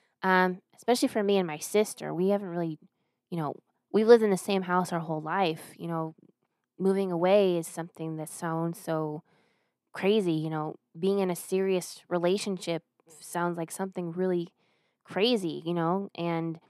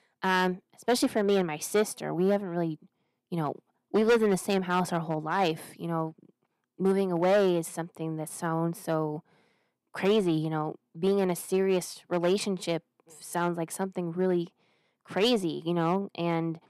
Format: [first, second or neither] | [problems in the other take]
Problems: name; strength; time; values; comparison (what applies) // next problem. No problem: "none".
first | distortion; slight; 3% of the sound clipped